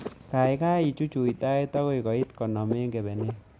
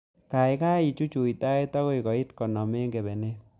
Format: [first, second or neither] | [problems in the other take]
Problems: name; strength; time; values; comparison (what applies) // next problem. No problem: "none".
second | background sound (Frog); 13 dB below the speech